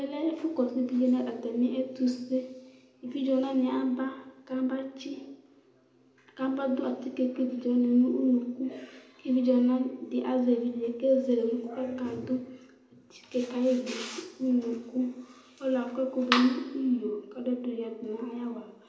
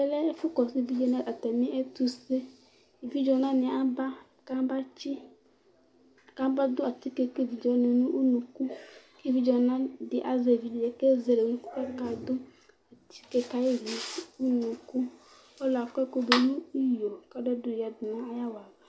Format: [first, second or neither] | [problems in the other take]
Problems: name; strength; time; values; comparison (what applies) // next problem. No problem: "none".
second | room echo; dies away in 0.8 s